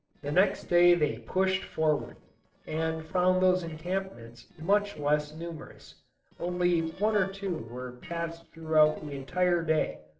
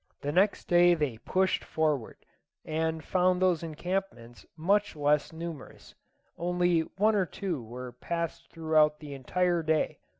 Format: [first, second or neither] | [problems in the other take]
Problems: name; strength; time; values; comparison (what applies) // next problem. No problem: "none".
second | noise reduction (neural separator model SepFormer DNS4)